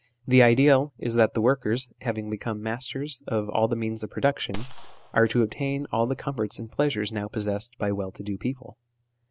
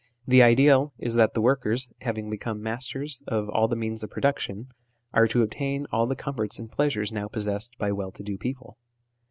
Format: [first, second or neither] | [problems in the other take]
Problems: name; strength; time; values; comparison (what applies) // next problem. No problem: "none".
second | background sound (Gunshot, gunfire); 11 dB below the speech